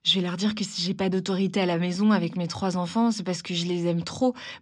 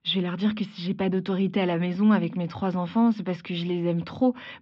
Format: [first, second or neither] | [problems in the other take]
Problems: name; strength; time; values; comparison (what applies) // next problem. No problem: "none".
first | muffled; very; fading above 3.5 kHz